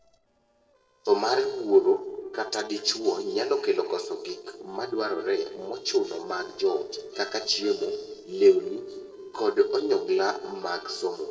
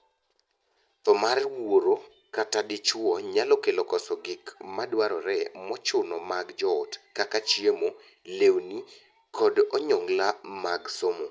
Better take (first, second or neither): second